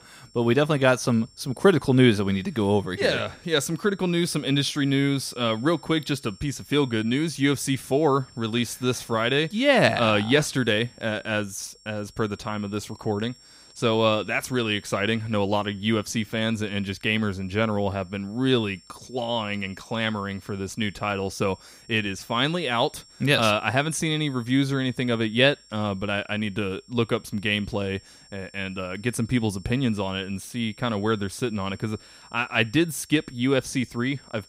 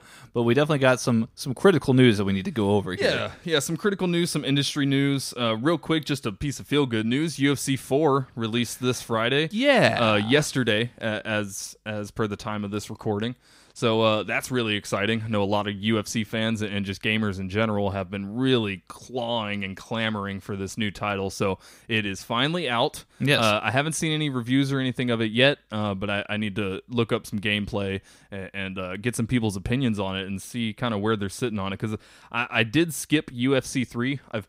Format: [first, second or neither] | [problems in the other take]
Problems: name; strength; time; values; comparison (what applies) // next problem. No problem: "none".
second | high-pitched whine; faint; throughout; 5.5 kHz, 25 dB below the speech